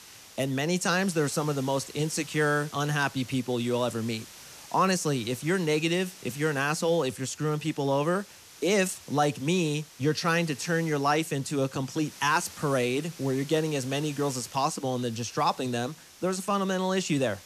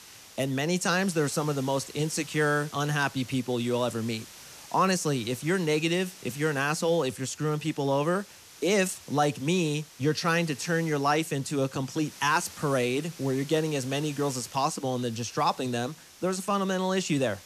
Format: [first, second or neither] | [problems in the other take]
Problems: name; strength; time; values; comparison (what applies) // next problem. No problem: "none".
neither | hiss; noticeable; throughout; 20 dB below the speech; the same in both